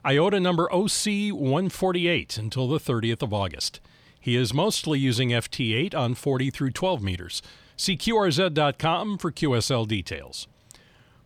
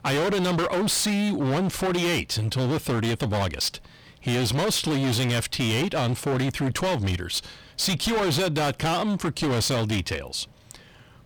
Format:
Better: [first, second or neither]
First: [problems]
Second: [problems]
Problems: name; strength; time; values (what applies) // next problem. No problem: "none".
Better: first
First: none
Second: distortion; heavy; 31% of the sound clipped